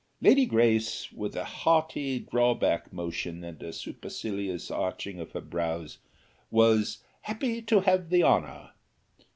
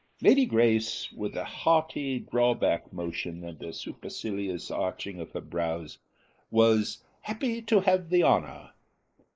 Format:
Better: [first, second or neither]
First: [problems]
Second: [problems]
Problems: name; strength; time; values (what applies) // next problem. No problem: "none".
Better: first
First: none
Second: noise reduction (neural mask model Resemble Enhance denoiser)